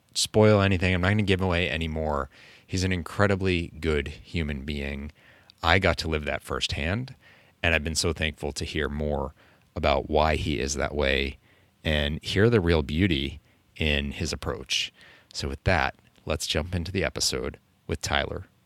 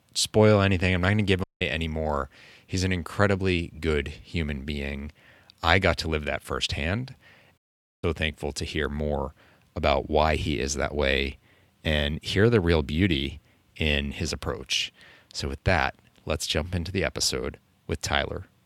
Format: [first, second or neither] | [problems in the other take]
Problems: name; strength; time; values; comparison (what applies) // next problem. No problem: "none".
first | audio cutting out; at 1.5 s and at 7.5 s